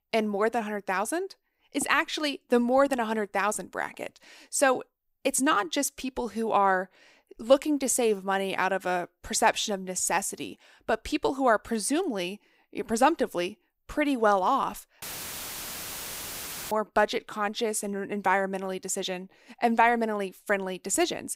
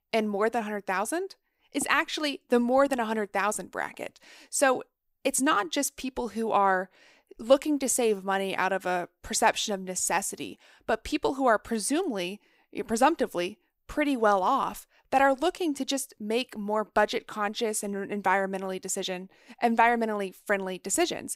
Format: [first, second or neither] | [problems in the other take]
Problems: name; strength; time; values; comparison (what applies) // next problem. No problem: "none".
second | audio cutting out; filled with static; at 15 s for 1.5 s